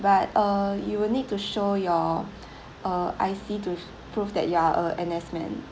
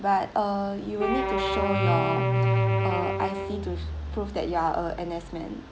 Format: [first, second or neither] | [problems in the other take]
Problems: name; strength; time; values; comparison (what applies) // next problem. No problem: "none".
first | background sound (Engine starting / Car + Wind instrument, woodwind instrument); 1 dB above the speech